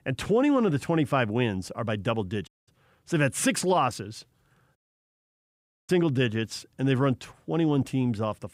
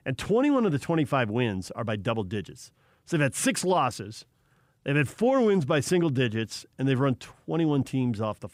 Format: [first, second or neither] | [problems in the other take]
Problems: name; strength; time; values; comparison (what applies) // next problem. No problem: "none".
second | audio cutting out; at 2.5 s and at 5 s for 1 s